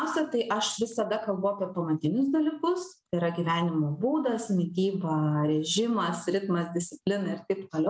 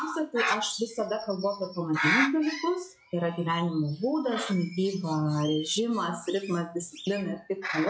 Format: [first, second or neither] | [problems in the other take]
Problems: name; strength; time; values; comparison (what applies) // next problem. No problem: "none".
first | noise reduction (classical method log-MMSE)